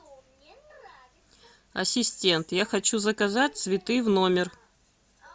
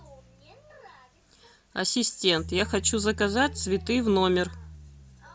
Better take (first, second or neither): first